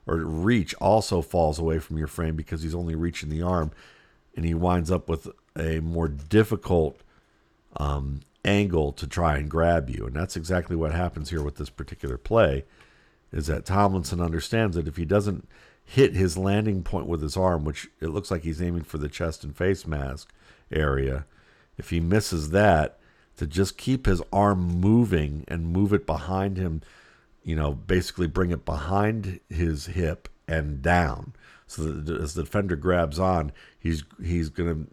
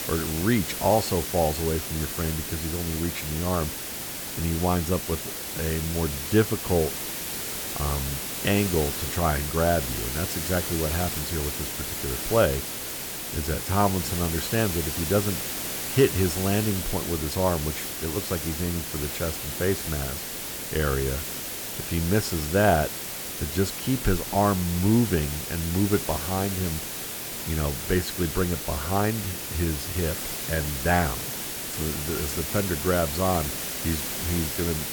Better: first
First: none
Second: hiss; loud; throughout; 3 dB below the speech

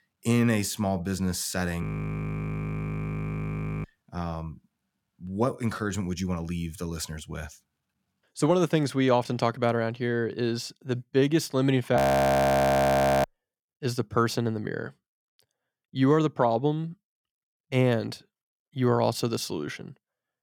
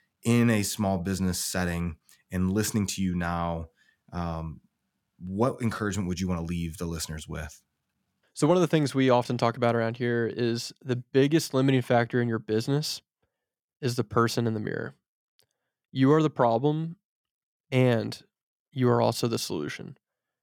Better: second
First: audio freezing; at 2 s for 2 s and at 12 s for 1.5 s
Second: none

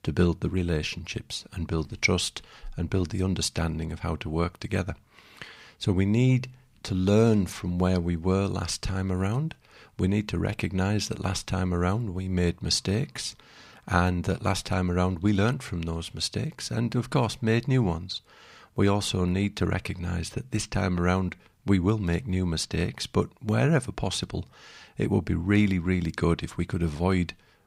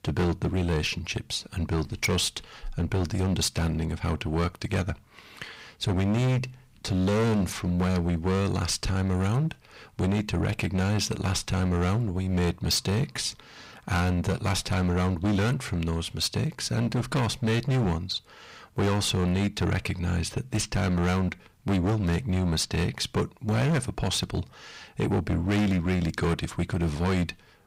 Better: first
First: none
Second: distortion; heavy; 16% of the sound clipped

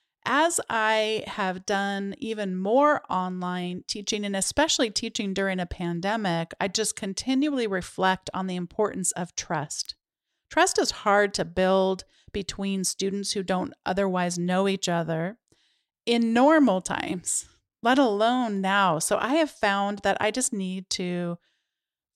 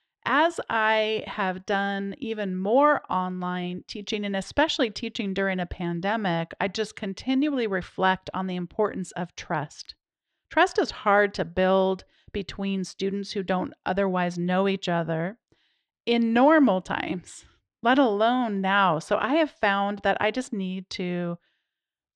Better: first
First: none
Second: muffled; slightly; fading above 3 kHz

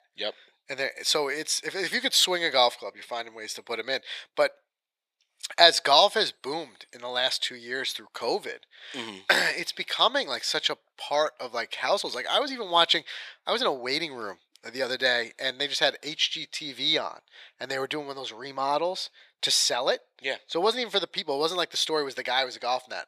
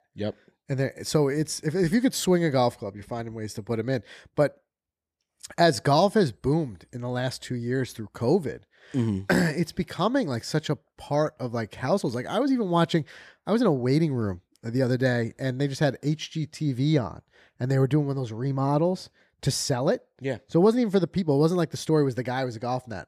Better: second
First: thin; very; fading below 750 Hz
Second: none

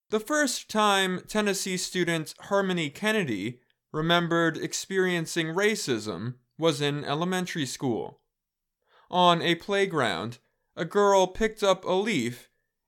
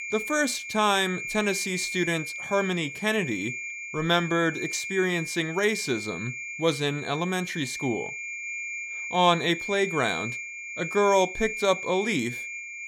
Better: first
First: none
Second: high-pitched whine; loud; throughout; 2.5 kHz, 7 dB below the speech

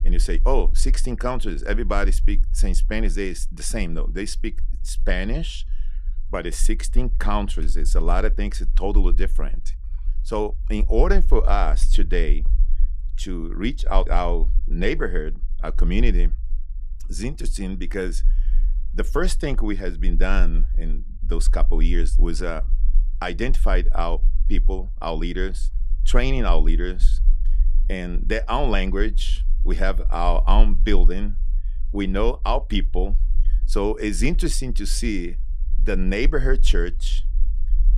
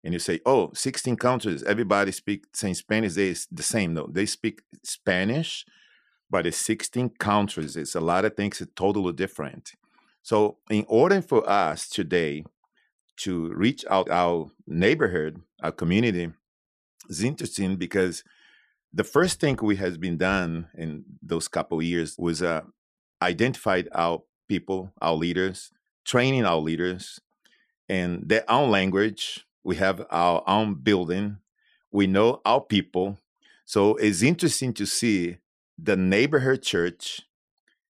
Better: second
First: low rumble; faint; throughout; 25 dB below the speech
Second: none

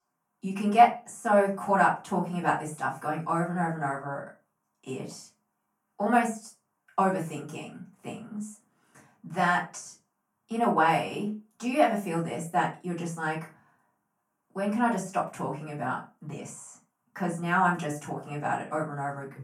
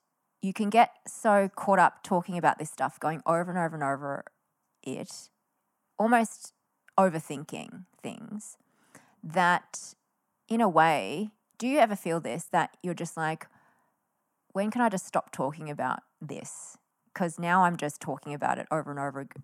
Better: second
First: off-mic speech; far // room echo; slight; dies away in 0.3 s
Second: none

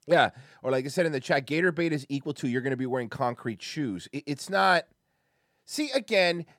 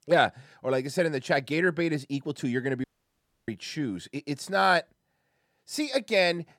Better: first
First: none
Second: audio cutting out; at 3 s for 0.5 s

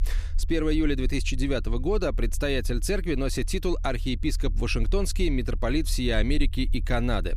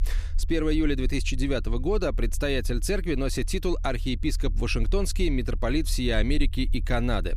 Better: neither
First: low rumble; faint; throughout; 25 dB below the speech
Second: low rumble; faint; throughout; 25 dB below the speech

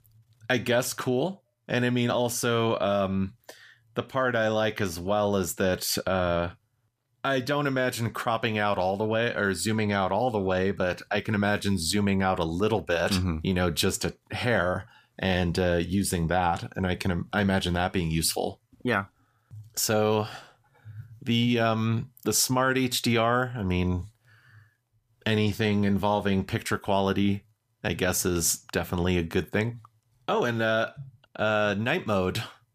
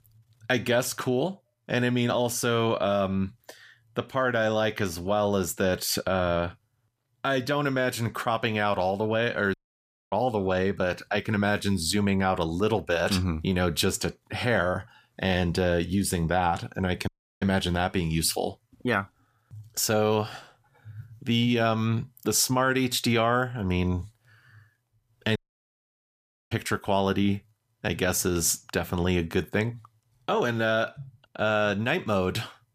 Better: first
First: none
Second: audio cutting out; at 9.5 s for 0.5 s, at 17 s and at 25 s for 1 s

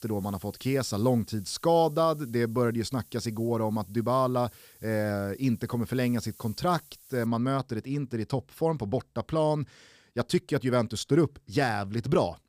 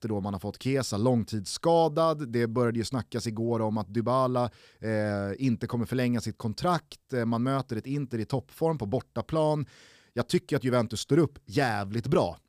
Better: second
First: hiss; faint; until 7.5 s; 25 dB below the speech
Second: none

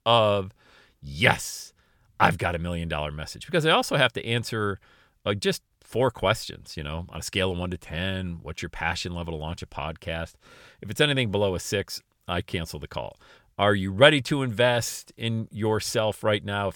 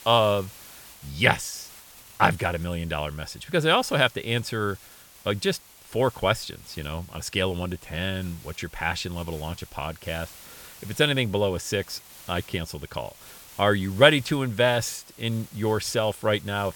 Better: first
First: none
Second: hiss; faint; throughout; 20 dB below the speech

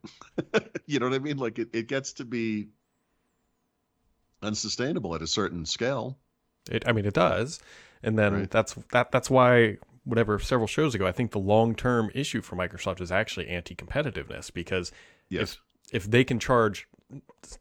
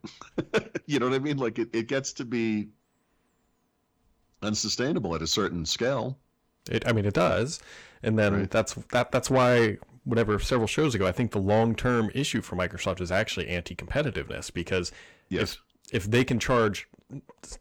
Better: first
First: none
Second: distortion; slight; 10 dB below the speech

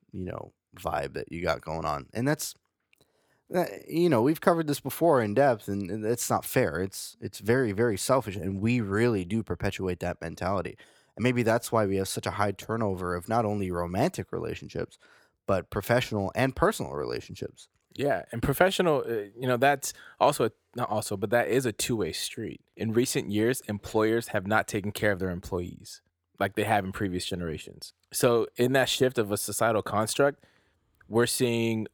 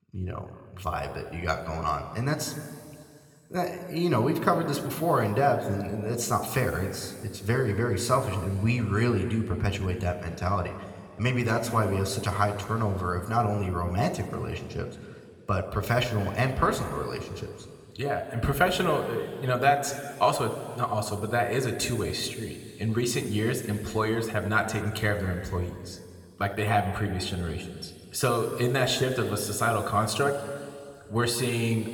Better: first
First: none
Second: room echo; noticeable; dies away in 2.3 s

